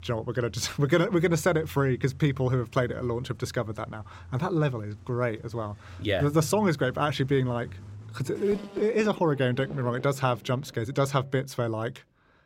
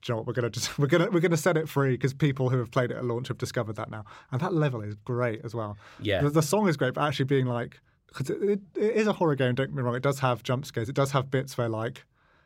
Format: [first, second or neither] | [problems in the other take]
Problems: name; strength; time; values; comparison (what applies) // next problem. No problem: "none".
second | traffic noise; noticeable; throughout; 20 dB below the speech